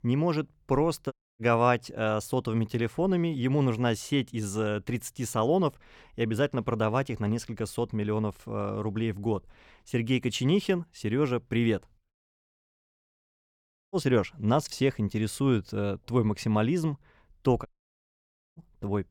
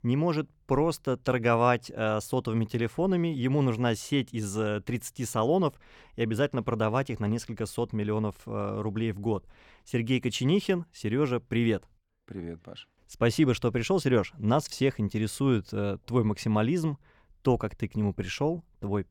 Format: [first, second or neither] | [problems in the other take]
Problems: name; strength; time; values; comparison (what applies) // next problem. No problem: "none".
second | audio cutting out; at 1 s, at 12 s for 2 s and at 18 s for 1 s